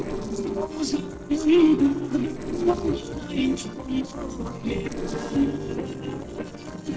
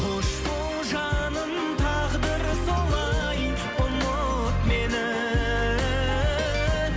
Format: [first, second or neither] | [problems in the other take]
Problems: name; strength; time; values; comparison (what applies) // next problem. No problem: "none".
second | noise reduction (neural separator model SepFormer DNS4)